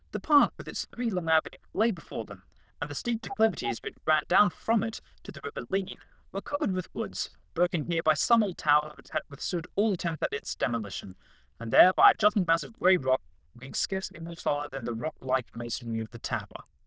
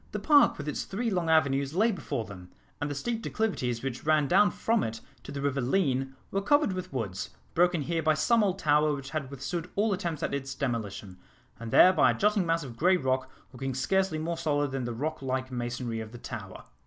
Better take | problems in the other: second | noise reduction (neural diffusion model UNIVERSE++)

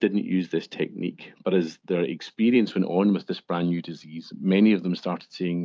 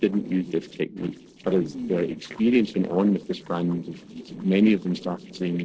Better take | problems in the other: first | noise reduction (neural separator model SepFormer DNS4)

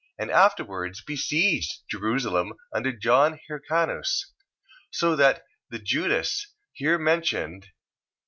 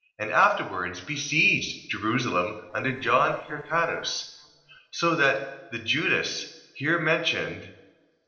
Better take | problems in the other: first | noise reduction (neural separator model SepFormer DNS4)

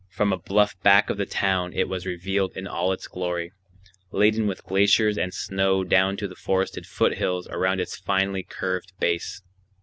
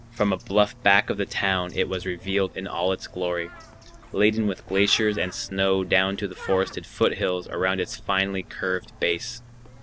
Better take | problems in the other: first | background sound (Bird); 19 dB below the speech

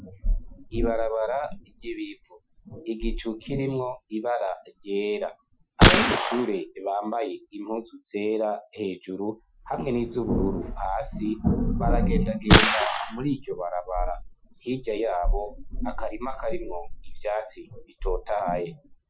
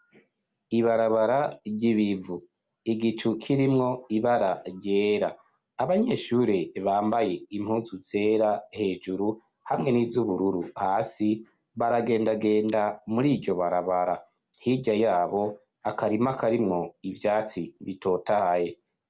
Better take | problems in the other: second | noise reduction (classical method Wiener filter)

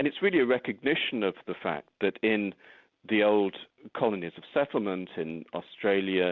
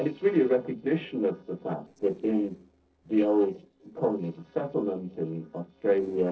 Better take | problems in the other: first | noise reduction (neural separator model SepFormer DNS4)

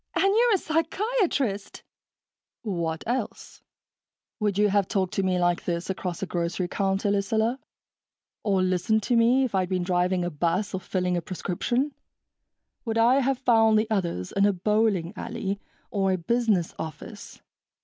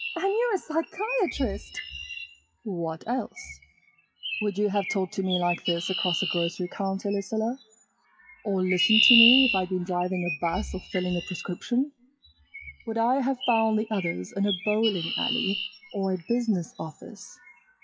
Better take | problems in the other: first | noise reduction (classical method WPE with log-MMSE)

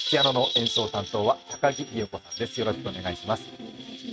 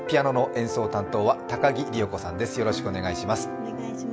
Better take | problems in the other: second | noise reduction (neural mask model RNNoise)

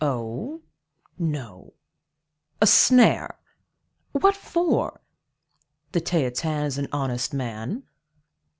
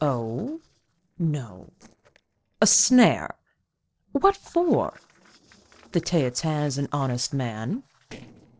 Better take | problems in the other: first | noise reduction (neural separator model SepFormer DNS4)

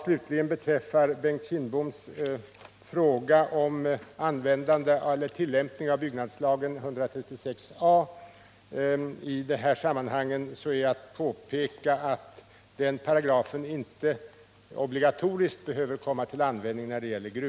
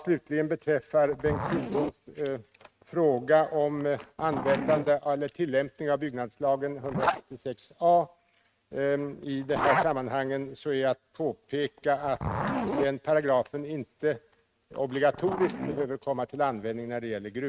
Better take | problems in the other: first | noise reduction (neural mask model RNNoise)

